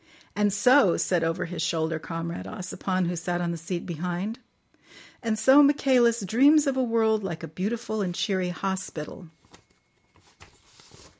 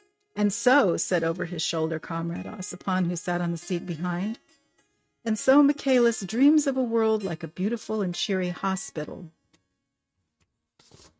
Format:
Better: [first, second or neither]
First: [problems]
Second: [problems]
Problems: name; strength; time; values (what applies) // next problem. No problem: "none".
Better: first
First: none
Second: noise reduction (neural mask model RNNoise)